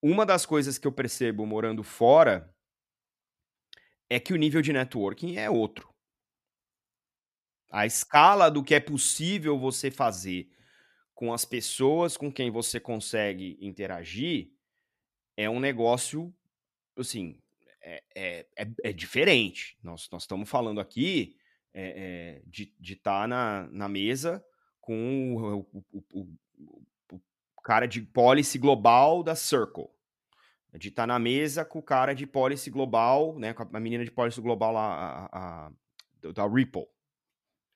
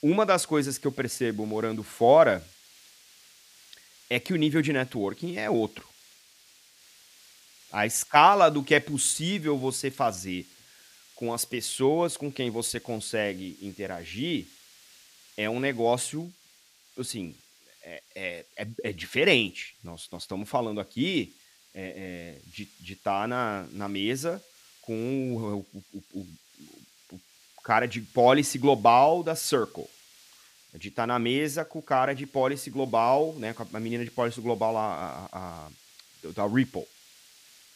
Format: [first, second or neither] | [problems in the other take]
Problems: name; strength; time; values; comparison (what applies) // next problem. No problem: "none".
first | hiss; faint; throughout; 25 dB below the speech